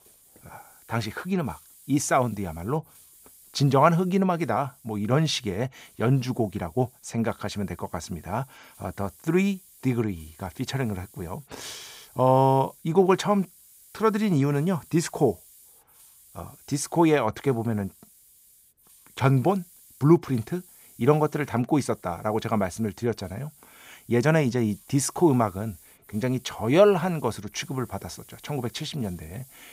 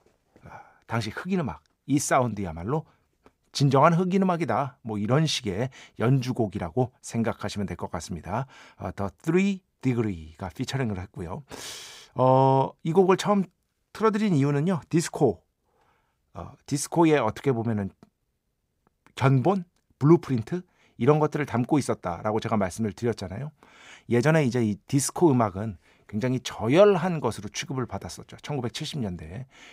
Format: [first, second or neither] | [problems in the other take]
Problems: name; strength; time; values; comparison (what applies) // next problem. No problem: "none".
second | hiss; faint; throughout; 25 dB below the speech